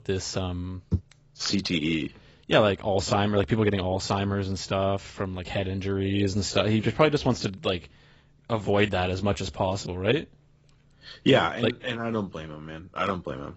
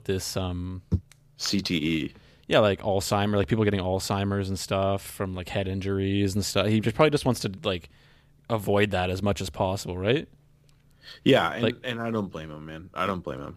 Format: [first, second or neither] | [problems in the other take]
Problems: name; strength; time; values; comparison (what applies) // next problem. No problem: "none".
second | garbled, watery; badly; nothing above 7.5 kHz